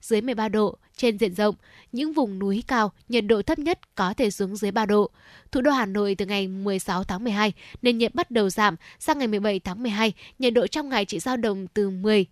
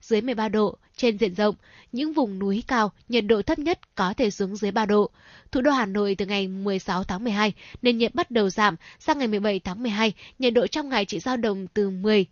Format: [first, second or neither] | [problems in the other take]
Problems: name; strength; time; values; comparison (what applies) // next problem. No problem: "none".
first | garbled, watery; slightly; nothing above 6.5 kHz